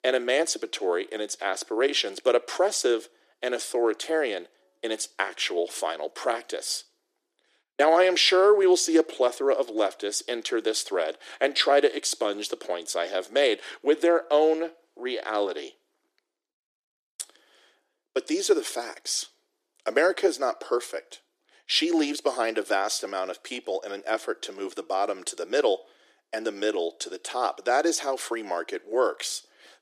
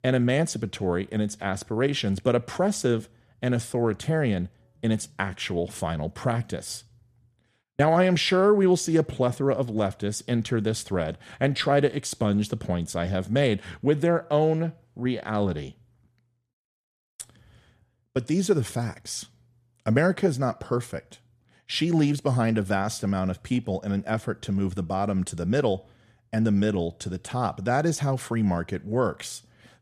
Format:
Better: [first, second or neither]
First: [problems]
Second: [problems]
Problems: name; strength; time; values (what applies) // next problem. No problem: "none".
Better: second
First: thin; very; fading below 300 Hz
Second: none